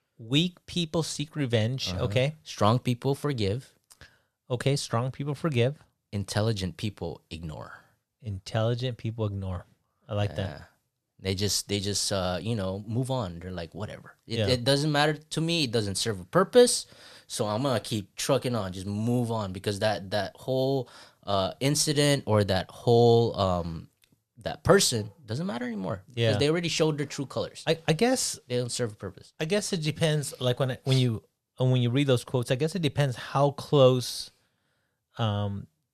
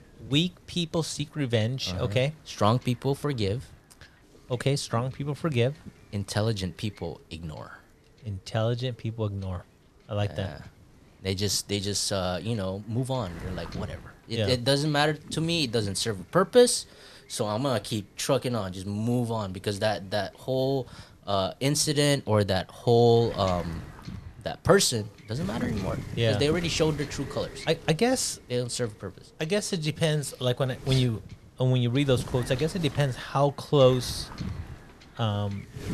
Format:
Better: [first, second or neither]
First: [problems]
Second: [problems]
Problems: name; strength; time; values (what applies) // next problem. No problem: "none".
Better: first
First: none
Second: wind noise on the microphone; occasional gusts; 20 dB below the speech